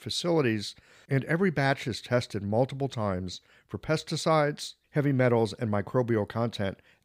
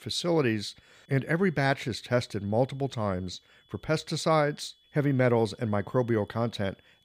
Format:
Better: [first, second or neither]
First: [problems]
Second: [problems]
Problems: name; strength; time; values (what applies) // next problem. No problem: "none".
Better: first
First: none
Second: high-pitched whine; faint; throughout; 3.5 kHz, 35 dB below the speech